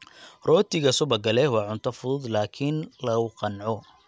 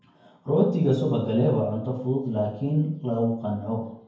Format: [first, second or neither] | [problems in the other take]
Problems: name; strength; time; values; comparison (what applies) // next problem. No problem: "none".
first | room echo; dies away in 0.9 s